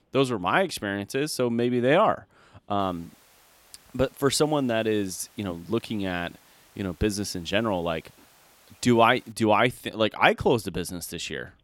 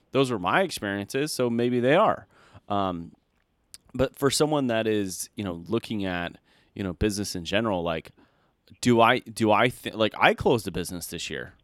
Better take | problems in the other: second | hiss; faint; from 3 to 9.5 s; 30 dB below the speech

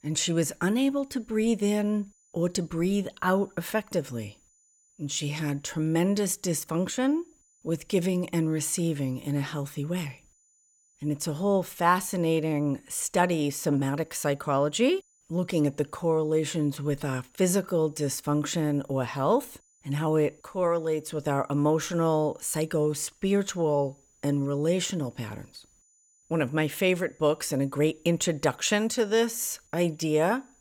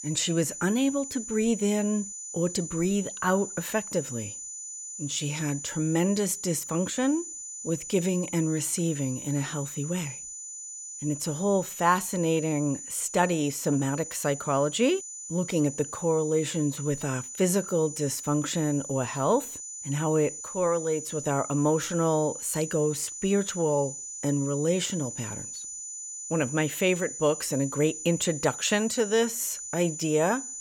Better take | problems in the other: first | high-pitched whine; loud; throughout; 7 kHz, 9 dB below the speech; faint in the first

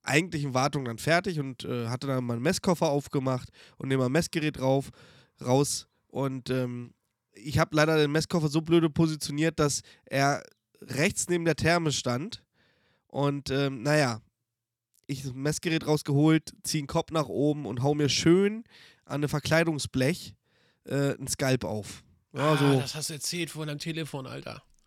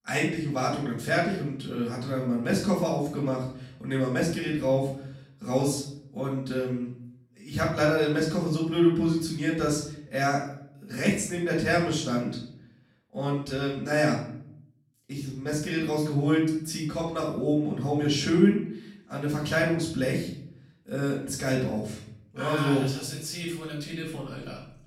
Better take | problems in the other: first | off-mic speech; far // room echo; noticeable; dies away in 0.6 s

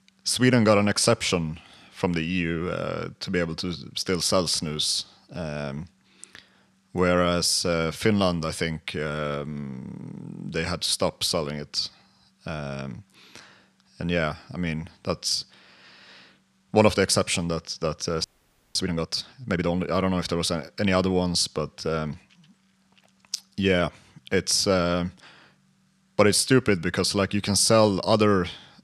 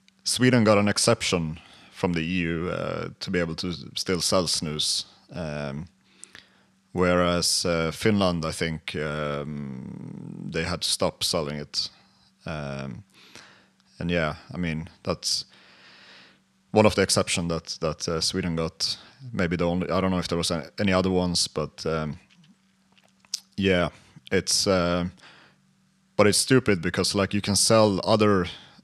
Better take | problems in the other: second | audio freezing; at 18 s for 0.5 s

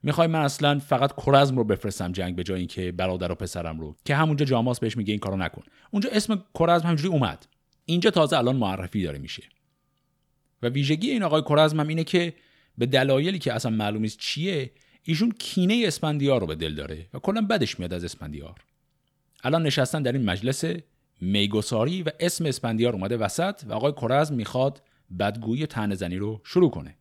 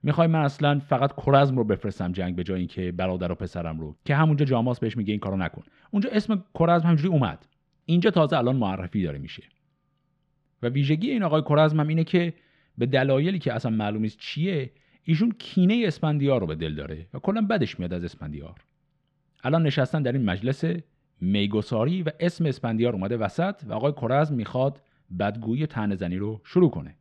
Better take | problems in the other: first | muffled; slightly; fading above 3 kHz

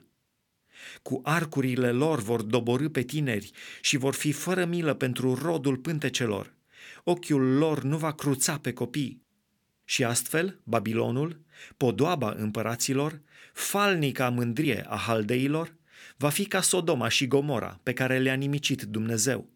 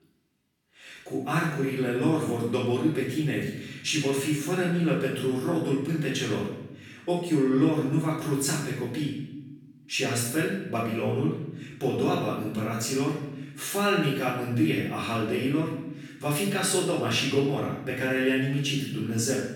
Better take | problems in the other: first | off-mic speech; far // room echo; noticeable; dies away in 0.8 s

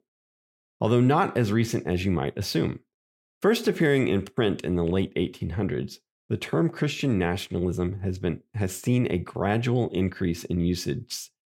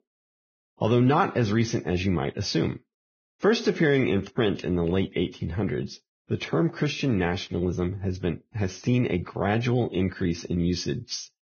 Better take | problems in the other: first | garbled, watery; badly; nothing above 6.5 kHz

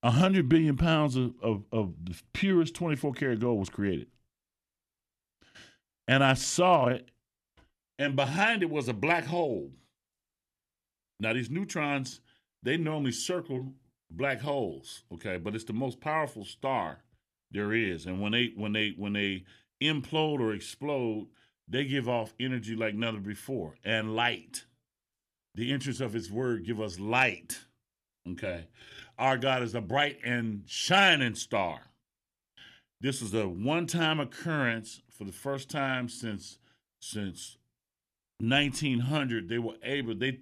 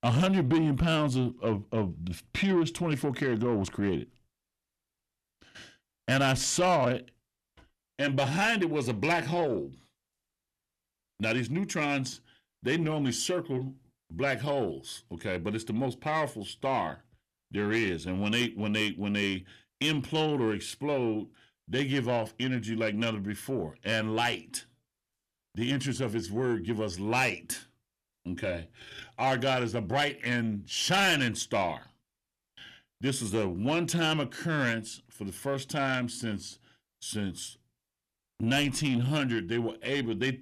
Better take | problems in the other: first | distortion; slight; 10 dB below the speech

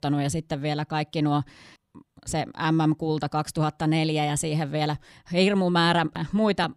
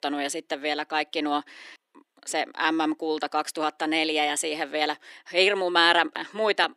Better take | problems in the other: first | thin; very; fading below 300 Hz

